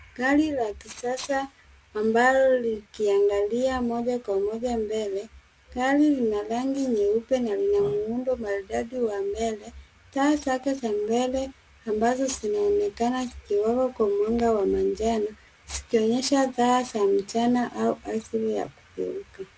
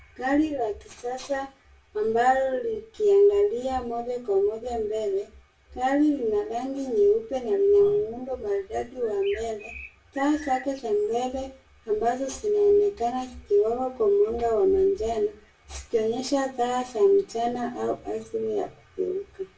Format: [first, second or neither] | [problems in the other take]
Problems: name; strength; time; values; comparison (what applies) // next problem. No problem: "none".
first | background sound (Bird); 19 dB below the speech // room echo; dies away in 0.3 s